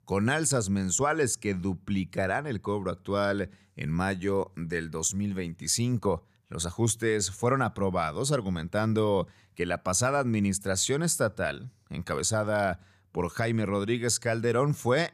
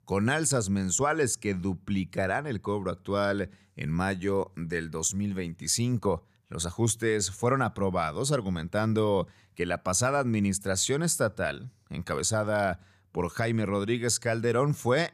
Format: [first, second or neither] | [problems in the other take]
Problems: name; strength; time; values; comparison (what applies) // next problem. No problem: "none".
neither | none